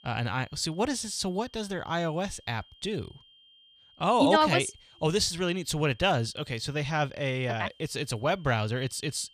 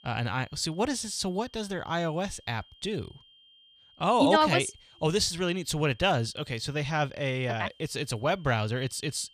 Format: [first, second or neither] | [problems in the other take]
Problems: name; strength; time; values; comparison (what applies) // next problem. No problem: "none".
neither | high-pitched whine; faint; throughout; 3 kHz, 25 dB below the speech; the same in both